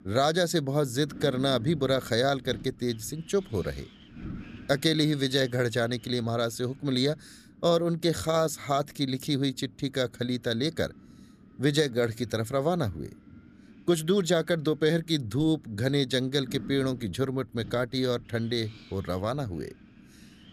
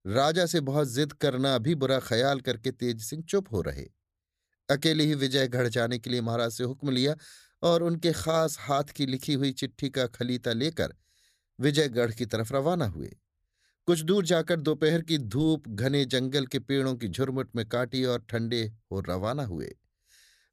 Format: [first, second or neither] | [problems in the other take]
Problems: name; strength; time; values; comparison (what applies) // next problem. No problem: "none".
second | wind noise on the microphone; occasional gusts; 25 dB below the speech